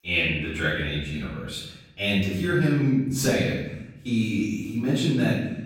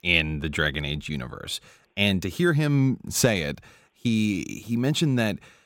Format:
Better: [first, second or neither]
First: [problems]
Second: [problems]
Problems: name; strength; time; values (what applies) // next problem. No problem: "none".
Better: second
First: room echo; noticeable; dies away in 0.9 s // off-mic speech; far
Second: none